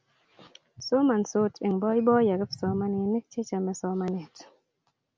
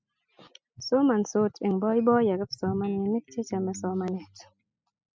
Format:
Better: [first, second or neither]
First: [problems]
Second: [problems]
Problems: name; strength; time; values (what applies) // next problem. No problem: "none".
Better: first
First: none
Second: noise reduction (classical method spectral subtraction)